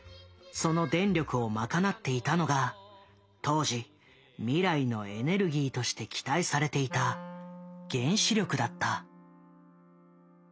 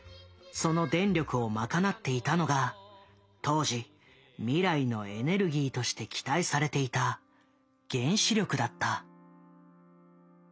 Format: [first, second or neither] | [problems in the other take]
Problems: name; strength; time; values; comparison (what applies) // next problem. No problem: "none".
second | background sound (Wind instrument, woodwind instrument); 15 dB below the speech